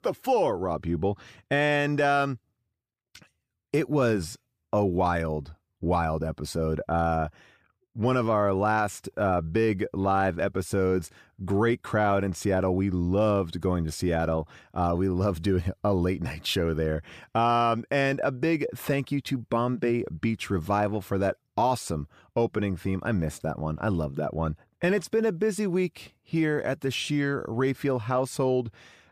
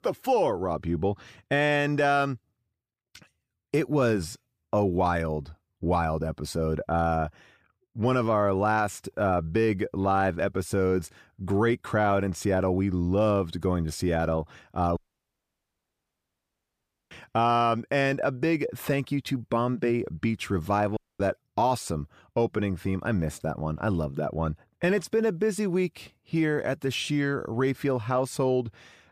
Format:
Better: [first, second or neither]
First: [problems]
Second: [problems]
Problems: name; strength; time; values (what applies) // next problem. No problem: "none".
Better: first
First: none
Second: audio cutting out; at 15 s for 2 s and at 21 s